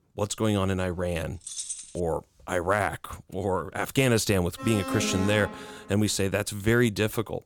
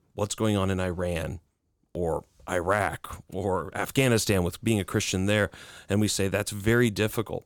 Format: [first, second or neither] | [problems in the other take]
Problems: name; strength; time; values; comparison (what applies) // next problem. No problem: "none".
second | jangling keys; noticeable; at 1.5 s; peak 6 dB below the speech // alarm; noticeable; from 4.5 to 6 s; peak 4 dB below the speech